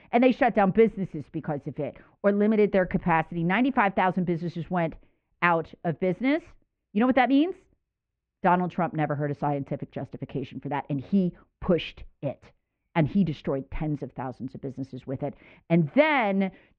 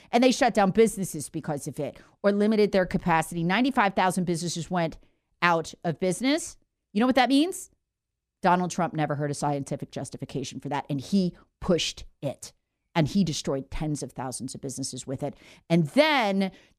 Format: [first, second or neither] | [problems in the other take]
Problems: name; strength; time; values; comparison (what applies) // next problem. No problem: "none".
second | muffled; very; fading above 2.5 kHz